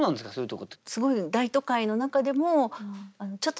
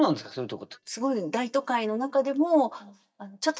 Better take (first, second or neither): first